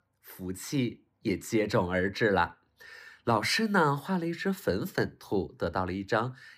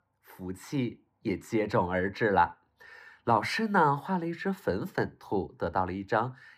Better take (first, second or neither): first